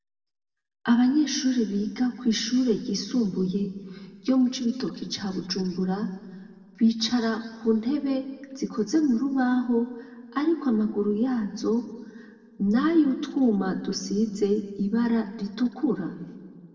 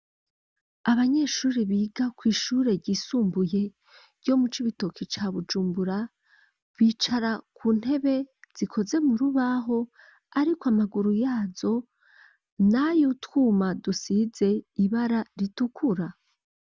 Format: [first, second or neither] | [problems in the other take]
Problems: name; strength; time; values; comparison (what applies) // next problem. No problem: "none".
second | room echo; dies away in 1.5 s